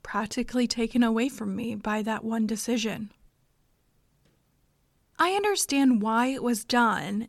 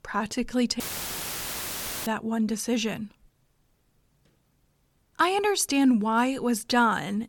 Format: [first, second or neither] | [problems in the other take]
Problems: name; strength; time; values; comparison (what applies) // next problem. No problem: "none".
first | audio cutting out; filled with static; at 1 s for 1.5 s